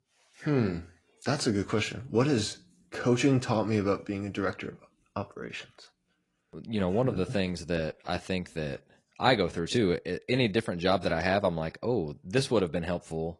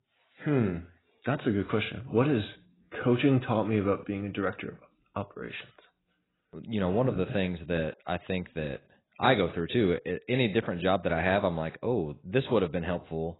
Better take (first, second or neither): first